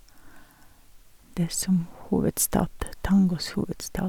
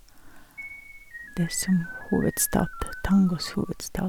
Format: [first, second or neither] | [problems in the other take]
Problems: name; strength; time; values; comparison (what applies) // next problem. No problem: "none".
first | background sound (Keyboard (musical)); 15 dB below the speech